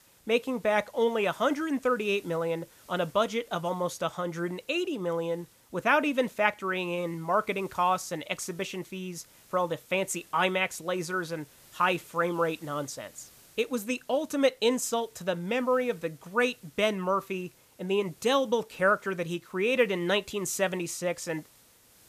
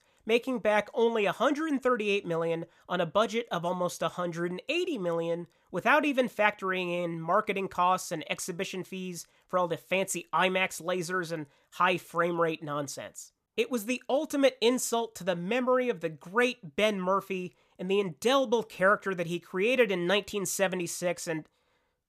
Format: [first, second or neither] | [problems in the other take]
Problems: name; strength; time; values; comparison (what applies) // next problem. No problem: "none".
second | hiss; faint; throughout; 25 dB below the speech